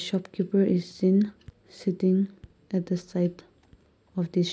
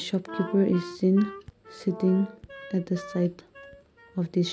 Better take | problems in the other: first | background sound (Brass instrument + Wind instrument, woodwind instrument); 15 dB below the speech

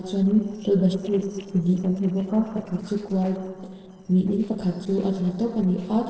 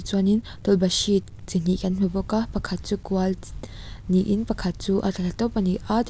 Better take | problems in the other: second | noise reduction (neural separator model SepFormer DNS4)

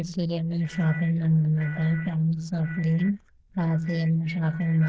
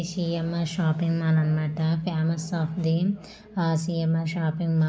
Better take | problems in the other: second | noise reduction (neural diffusion model UNIVERSE++)

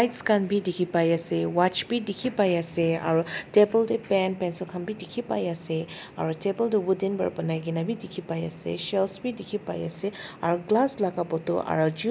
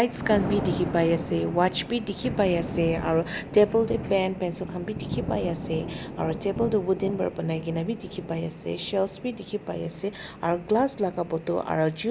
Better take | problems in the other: first | background sound (Thunder); 9 dB below the speech

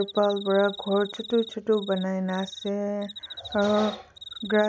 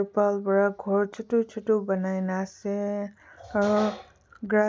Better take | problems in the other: second | background sound (Cricket); 15 dB below the speech

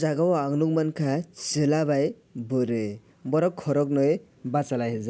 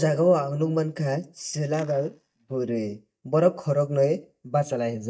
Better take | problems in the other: first | noise reduction (neural mask model DeepFilterNet 3)

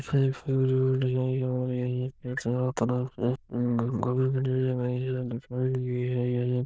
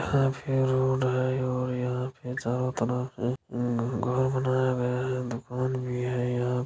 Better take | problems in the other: second | noise reduction (neural diffusion model UNIVERSE++)

